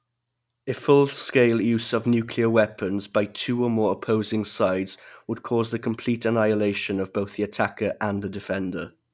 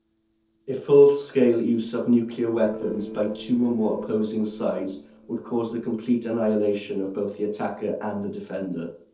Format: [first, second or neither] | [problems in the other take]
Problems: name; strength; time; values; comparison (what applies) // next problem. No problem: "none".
first | noise reduction (neural separator model SepFormer DNS4)